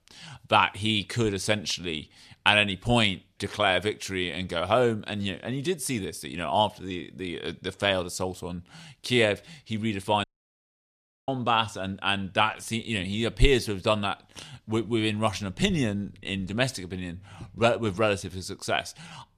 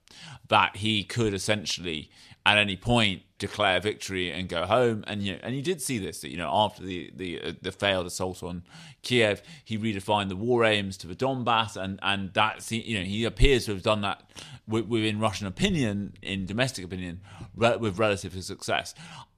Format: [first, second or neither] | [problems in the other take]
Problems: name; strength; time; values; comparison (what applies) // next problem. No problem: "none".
second | audio cutting out; at 10 s for 1 s